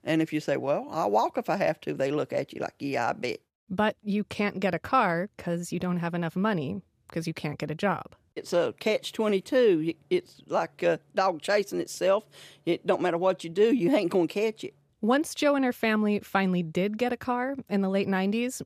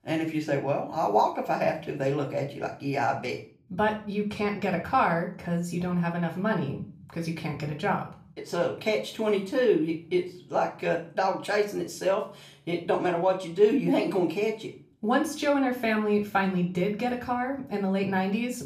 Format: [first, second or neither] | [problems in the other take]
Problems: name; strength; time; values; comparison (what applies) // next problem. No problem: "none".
first | off-mic speech; far // room echo; slight; dies away in 0.4 s